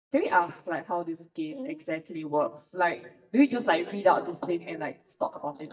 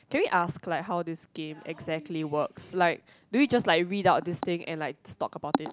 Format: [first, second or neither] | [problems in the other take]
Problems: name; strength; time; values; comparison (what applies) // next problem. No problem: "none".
second | noise reduction (neural mask model DeepFilterNet 3)